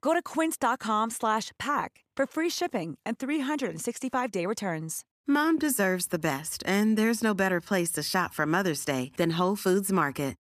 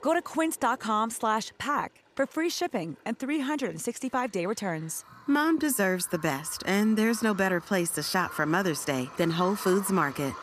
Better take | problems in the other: first | animal sounds; noticeable; throughout; 15 dB below the speech

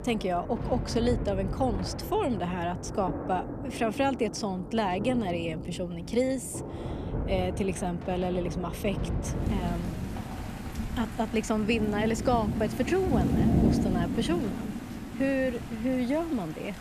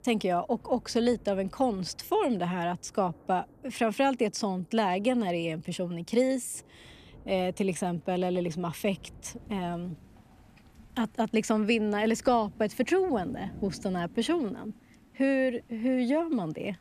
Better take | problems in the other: second | rain or running water; loud; throughout; 3 dB below the speech; faint in the second

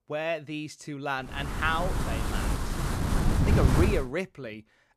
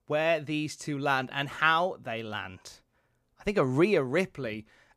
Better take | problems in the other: second | wind noise on the microphone; heavy; from 1.5 to 4 s; 2 dB below the speech

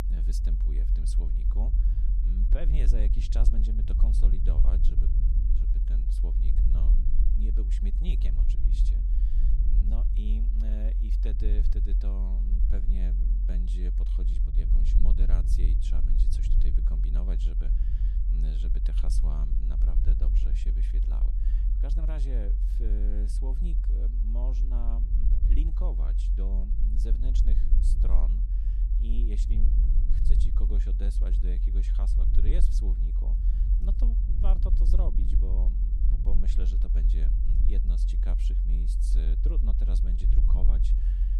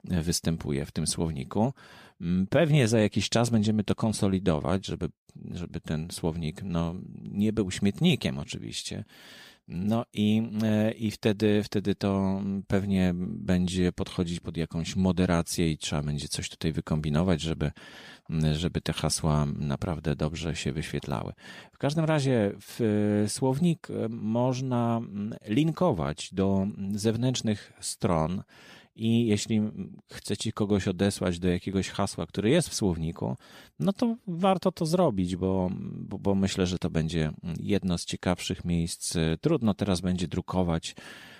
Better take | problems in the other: second | low rumble; loud; throughout; 2 dB below the speech

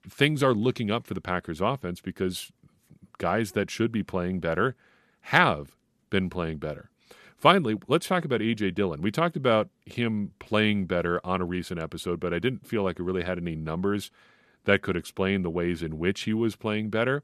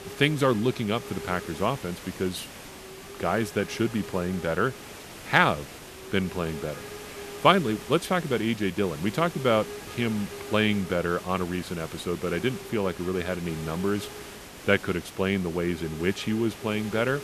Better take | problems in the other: first | hiss; noticeable; throughout; 15 dB below the speech

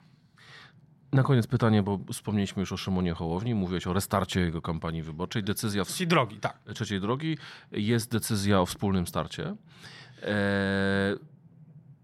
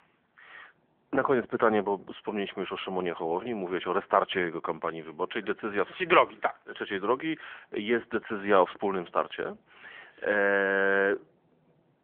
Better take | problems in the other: first | phone-call audio; nothing above 3.5 kHz

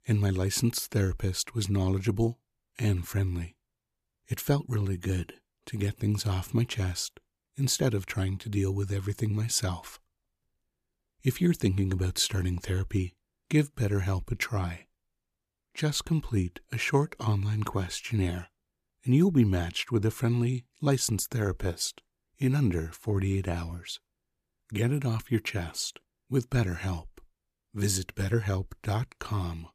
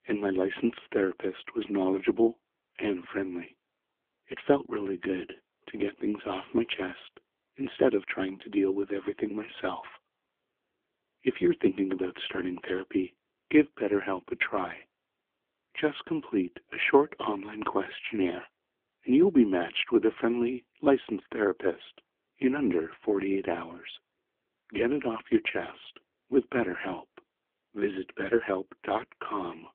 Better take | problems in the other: first | phone-call audio; poor line; nothing above 3.5 kHz

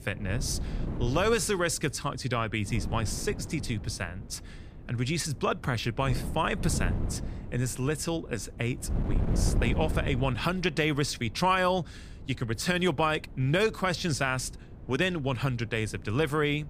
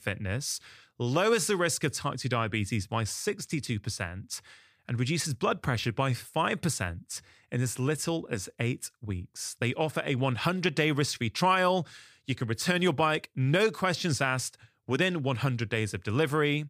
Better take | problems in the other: second | wind noise on the microphone; occasional gusts; 15 dB below the speech

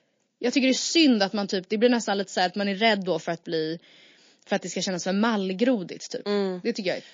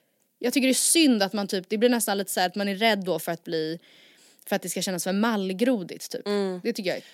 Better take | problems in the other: second | garbled, watery; slightly

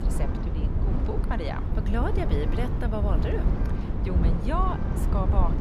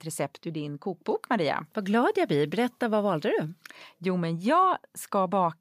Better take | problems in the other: second | wind noise on the microphone; heavy; 4 dB below the speech

